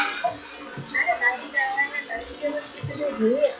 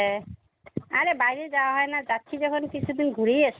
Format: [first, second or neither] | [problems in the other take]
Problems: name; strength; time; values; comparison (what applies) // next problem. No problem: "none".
second | noise reduction (classical method WPE with log-MMSE)